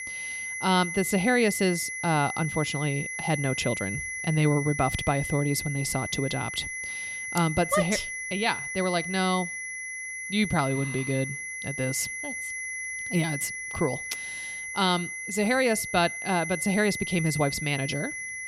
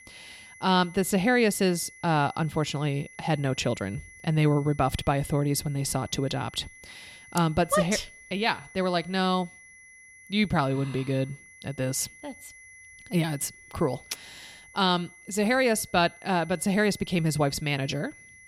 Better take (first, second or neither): second